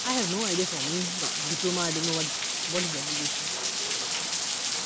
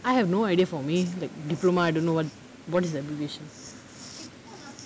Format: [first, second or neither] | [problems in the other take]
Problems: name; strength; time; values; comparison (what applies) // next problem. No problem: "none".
second | background sound (Rain); 4 dB above the speech